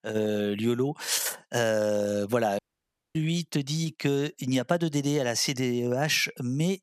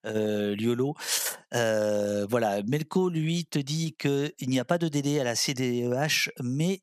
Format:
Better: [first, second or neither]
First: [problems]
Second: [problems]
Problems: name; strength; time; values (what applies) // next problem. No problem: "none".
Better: second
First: audio cutting out; at 2.5 s for 0.5 s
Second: none